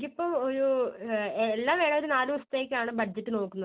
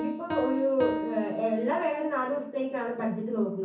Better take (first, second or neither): first